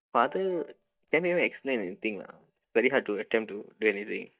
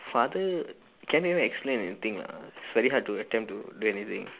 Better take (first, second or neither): second